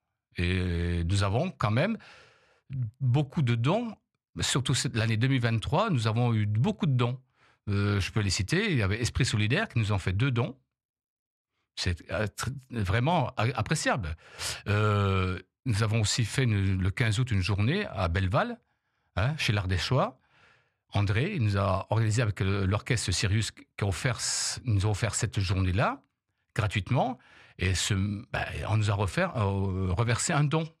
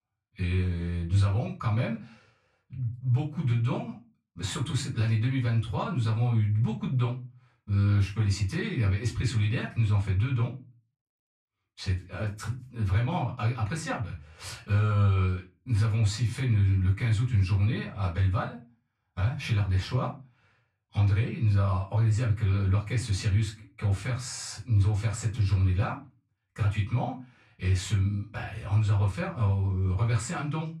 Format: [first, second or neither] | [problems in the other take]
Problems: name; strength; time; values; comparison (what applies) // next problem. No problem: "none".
first | off-mic speech; far // room echo; very slight; dies away in 0.3 s